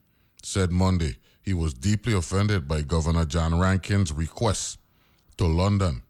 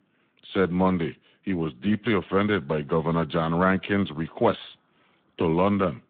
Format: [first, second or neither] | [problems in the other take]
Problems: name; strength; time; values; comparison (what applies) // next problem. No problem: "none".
first | phone-call audio; nothing above 3.5 kHz